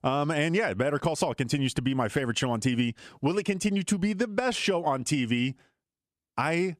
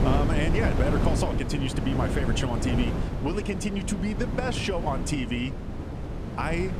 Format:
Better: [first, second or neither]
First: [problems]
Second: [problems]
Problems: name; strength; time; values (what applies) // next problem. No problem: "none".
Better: first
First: none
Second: wind noise on the microphone; heavy; 4 dB below the speech